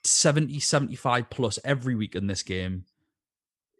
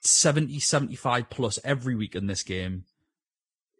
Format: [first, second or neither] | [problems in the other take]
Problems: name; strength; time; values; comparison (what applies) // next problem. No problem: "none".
first | garbled, watery; badly